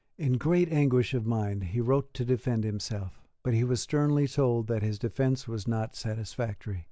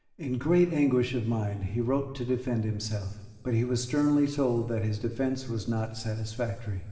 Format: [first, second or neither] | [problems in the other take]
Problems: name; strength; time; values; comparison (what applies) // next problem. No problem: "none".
first | room echo; dies away in 1.9 s